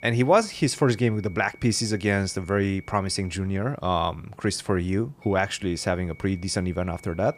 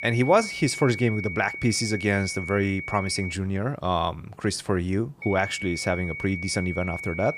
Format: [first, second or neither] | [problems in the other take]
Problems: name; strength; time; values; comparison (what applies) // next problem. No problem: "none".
first | high-pitched whine; loud; until 3.5 s and from 5 s on; 2 kHz, 8 dB below the speech; faint in the first